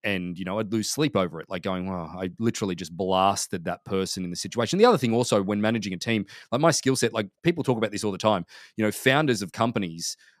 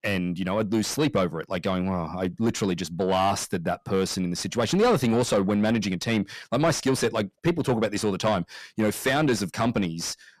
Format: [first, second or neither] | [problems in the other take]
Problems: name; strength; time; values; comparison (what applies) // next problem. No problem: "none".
first | distortion; heavy; 7 dB below the speech